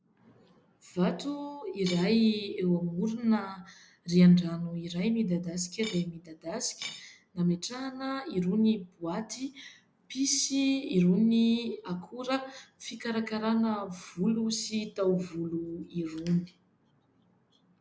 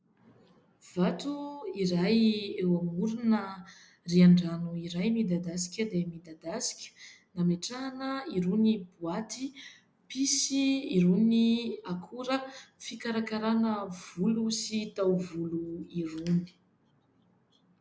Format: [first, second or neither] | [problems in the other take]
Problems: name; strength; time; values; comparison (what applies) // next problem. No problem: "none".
second | background sound (Cutlery, silverware / Dishes, pots, and pans); 14 dB below the speech